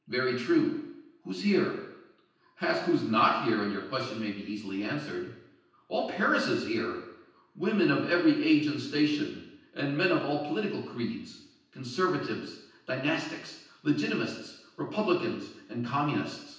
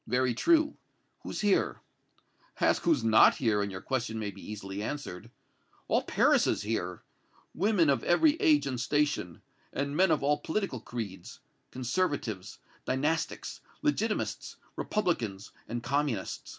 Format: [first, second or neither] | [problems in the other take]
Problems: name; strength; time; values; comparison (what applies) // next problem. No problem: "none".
second | room echo; dies away in 0.9 s